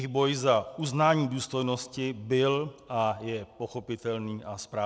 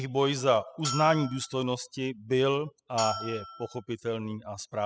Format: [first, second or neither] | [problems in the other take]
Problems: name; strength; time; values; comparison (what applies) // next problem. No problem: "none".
first | noise reduction (classical method spectral subtraction)